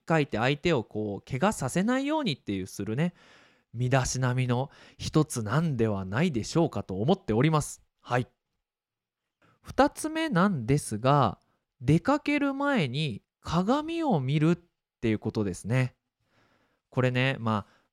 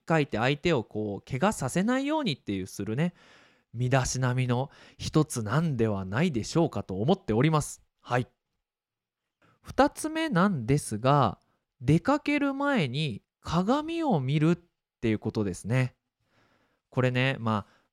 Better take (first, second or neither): neither